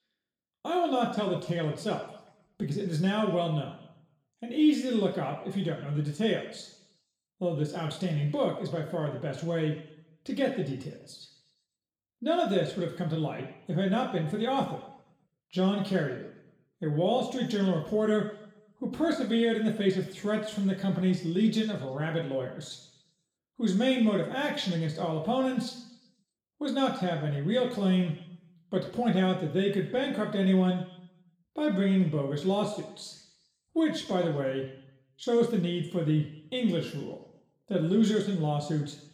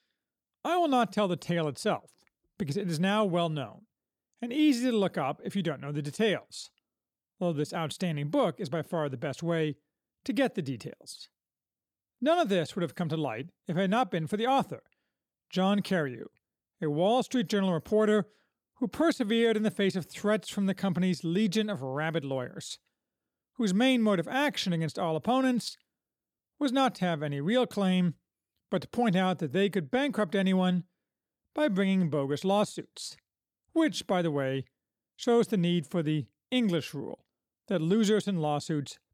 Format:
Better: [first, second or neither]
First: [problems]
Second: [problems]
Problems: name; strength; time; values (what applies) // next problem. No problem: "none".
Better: second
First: room echo; slight; dies away in 0.8 s // off-mic speech; far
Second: none